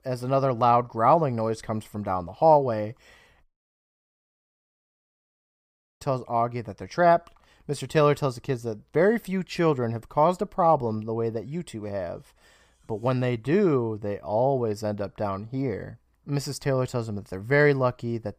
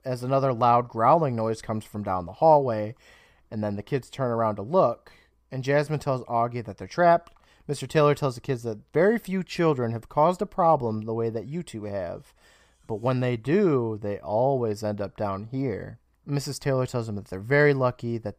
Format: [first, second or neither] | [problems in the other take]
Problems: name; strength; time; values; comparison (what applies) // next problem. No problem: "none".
second | audio cutting out; at 3.5 s for 2.5 s